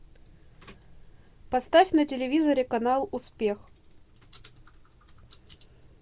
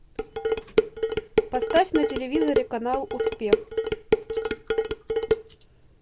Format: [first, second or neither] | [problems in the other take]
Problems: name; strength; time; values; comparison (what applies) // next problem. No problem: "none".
first | background sound (Dishes, pots, and pans); 4 dB above the speech